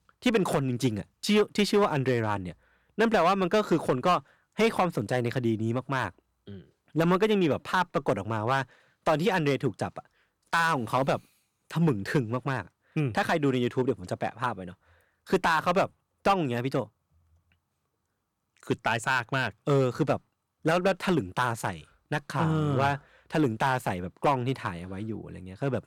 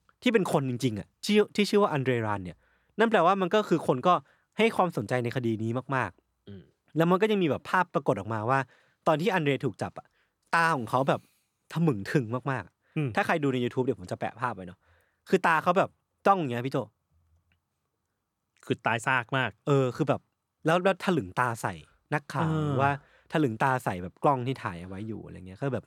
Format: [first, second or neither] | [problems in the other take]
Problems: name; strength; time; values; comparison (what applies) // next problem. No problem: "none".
second | distortion; slight; 3% of the sound clipped